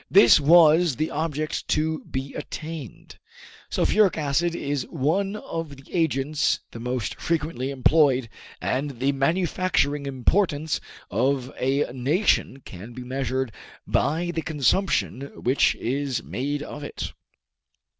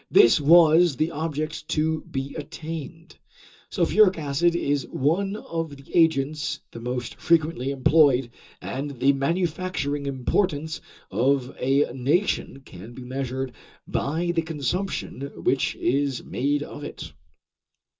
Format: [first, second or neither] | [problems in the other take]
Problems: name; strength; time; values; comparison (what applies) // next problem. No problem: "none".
first | room echo; dies away in 0.2 s